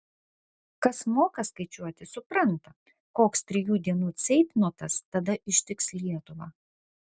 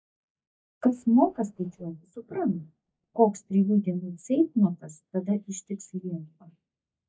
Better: first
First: none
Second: noise reduction (neural mask model DeepFilterNet 3)

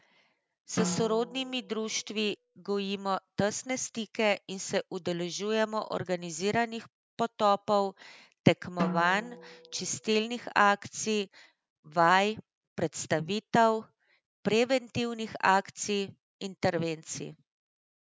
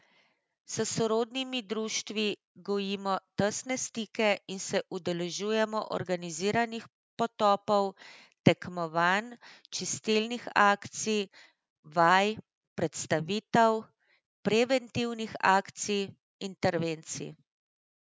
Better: second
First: background sound (Drum); 9 dB below the speech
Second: none

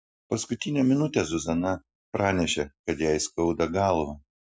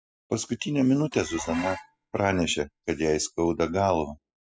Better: first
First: none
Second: noise reduction (classical method spectral subtraction)

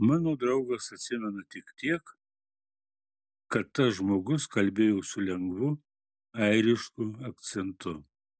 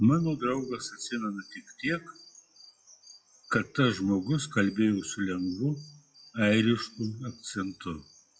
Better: first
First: none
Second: noise reduction (classical method WPE with log-MMSE)

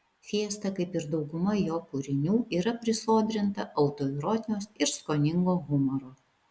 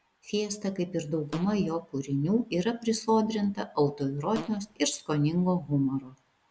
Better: first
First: none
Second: background sound (Fart); 13 dB below the speech

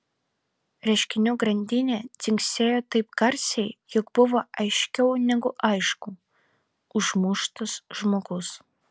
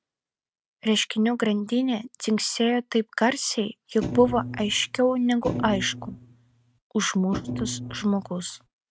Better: first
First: none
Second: noise reduction (neural mask model RNNoise)

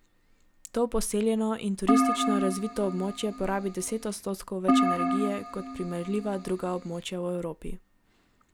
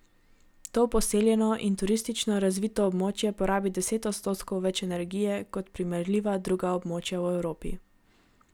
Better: second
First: background sound (Keyboard (musical)); 2 dB above the speech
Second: none

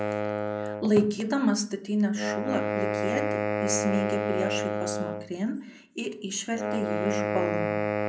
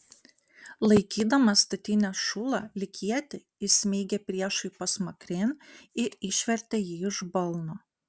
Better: second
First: background sound (Wind instrument, woodwind instrument); 1 dB below the speech // room echo; dies away in 0.4 s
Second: none

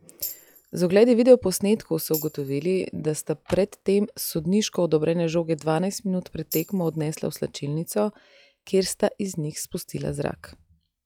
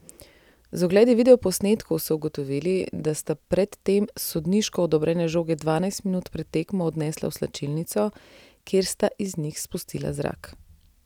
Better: second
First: noise reduction (classical method log-MMSE)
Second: none

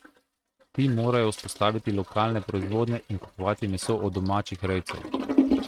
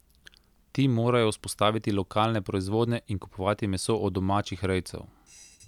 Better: second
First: noise reduction (neural mask model RNNoise)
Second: none

